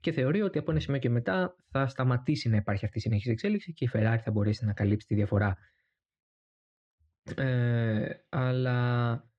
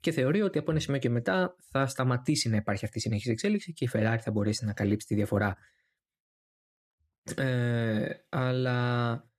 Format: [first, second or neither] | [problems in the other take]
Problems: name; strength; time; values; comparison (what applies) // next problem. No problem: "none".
second | muffled; very slightly; fading above 4 kHz